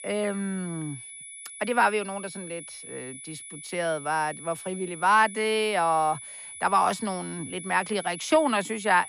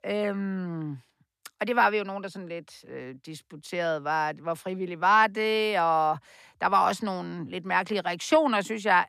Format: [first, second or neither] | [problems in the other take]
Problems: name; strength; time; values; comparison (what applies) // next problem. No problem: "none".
second | high-pitched whine; noticeable; throughout; 10 kHz, 15 dB below the speech